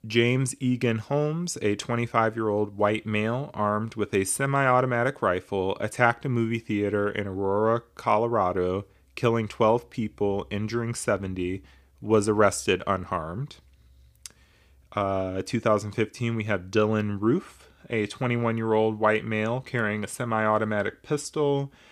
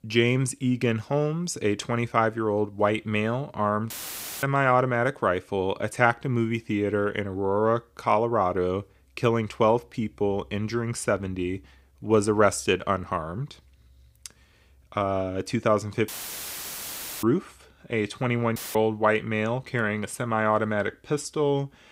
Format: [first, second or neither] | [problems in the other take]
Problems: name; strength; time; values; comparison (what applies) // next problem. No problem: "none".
first | audio cutting out; filled with static; at 4 s for 0.5 s, at 16 s for 1 s and at 19 s